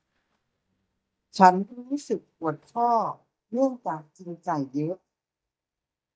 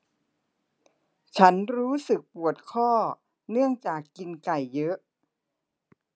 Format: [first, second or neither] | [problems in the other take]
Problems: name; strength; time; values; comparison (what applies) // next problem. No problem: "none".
second | noise reduction (neural mask model DeepFilterNet 3)